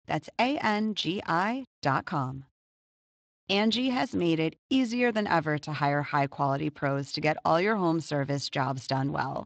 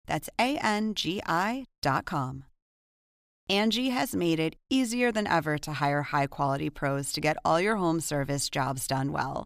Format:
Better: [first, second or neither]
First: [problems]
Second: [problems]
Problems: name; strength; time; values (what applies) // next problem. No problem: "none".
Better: second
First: garbled, watery; slightly; nothing above 8 kHz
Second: none